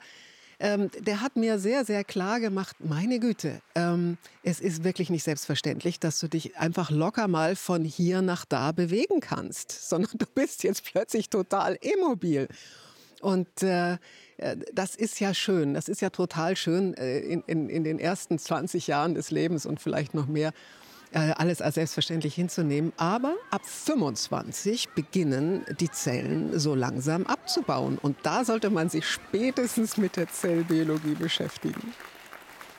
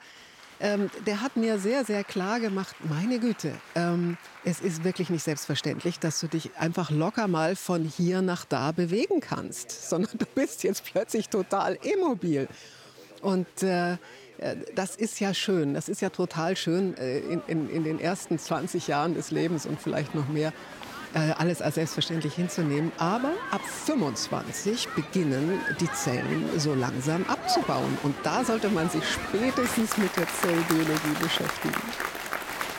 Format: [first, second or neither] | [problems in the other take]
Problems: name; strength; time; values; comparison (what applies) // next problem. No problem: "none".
first | crowd noise; loud; throughout; 7 dB below the speech; faint in the first